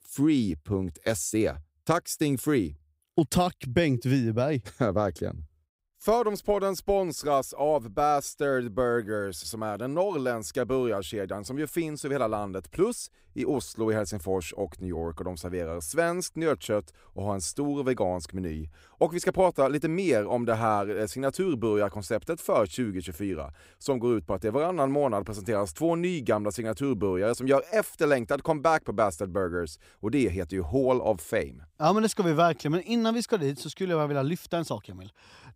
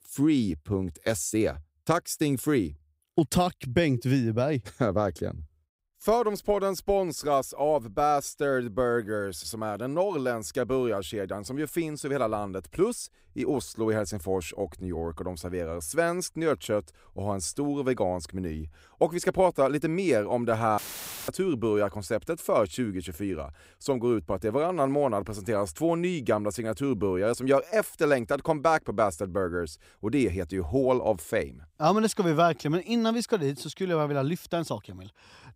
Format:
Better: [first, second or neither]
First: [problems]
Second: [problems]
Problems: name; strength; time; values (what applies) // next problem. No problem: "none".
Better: first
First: none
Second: audio cutting out; filled with static; at 21 s for 0.5 s